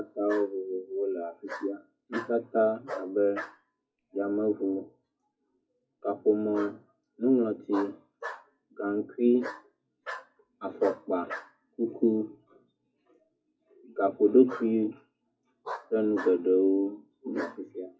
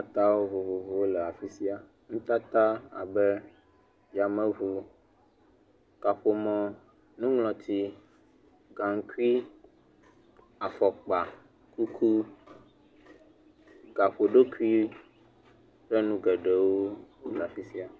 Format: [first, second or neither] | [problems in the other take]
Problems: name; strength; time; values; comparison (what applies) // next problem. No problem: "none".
second | noise reduction (classical method WPE with log-MMSE)